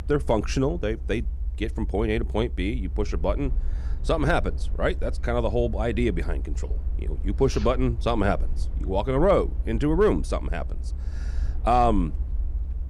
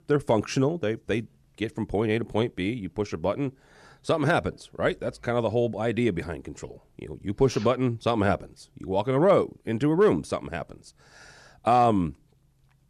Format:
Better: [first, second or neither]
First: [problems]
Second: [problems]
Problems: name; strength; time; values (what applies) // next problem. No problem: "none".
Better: second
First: low rumble; faint; throughout; 25 dB below the speech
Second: none